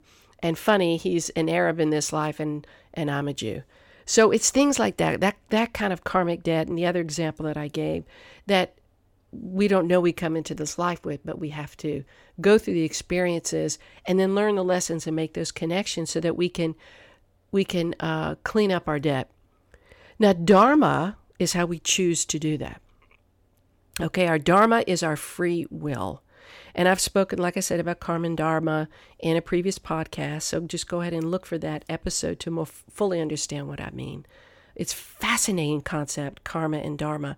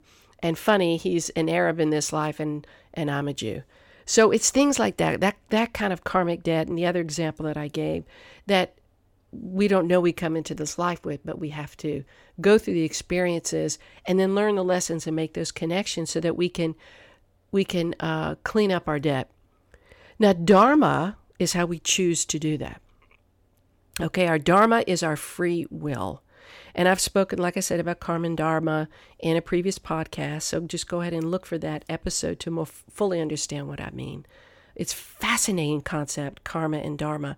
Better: neither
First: none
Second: none

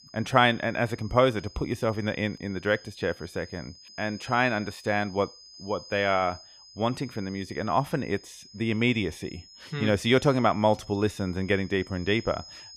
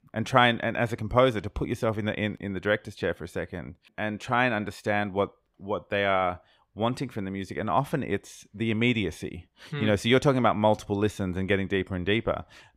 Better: second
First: high-pitched whine; noticeable; throughout; 5 kHz, 20 dB below the speech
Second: none

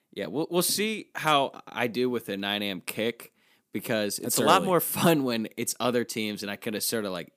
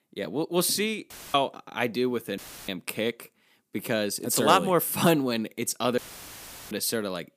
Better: first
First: none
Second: audio cutting out; filled with static; at 1 s, at 2.5 s and at 6 s for 0.5 s

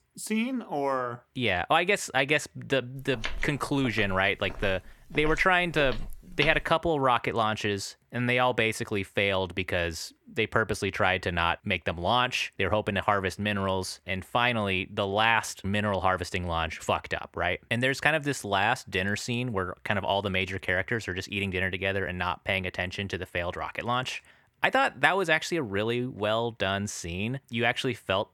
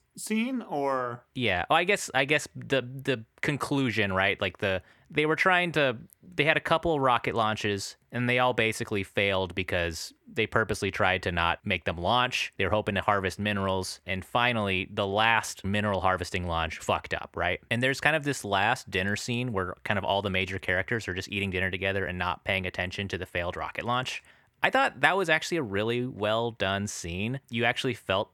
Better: second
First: footsteps; noticeable; from 3 to 6.5 s; peak 7 dB below the speech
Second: none

